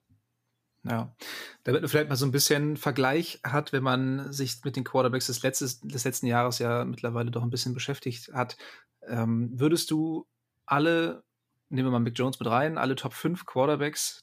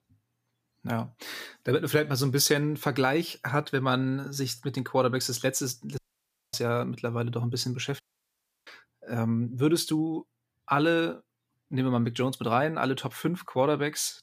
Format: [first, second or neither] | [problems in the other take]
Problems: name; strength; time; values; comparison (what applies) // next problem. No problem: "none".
first | audio cutting out; at 6 s for 0.5 s and at 8 s for 0.5 s